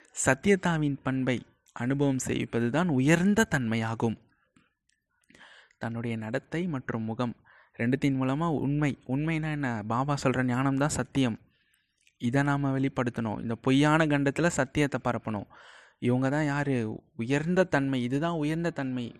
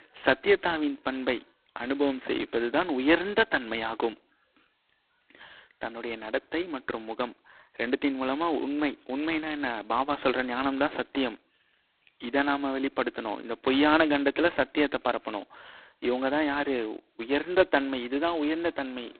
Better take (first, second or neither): first